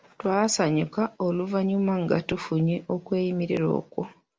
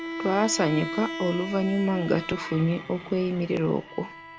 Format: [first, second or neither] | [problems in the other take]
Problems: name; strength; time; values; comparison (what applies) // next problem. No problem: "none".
first | background sound (Bowed string instrument); 10 dB below the speech